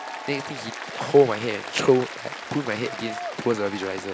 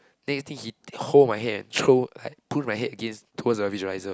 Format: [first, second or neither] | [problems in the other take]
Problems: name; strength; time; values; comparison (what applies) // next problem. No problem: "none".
second | background sound (Applause); 10 dB below the speech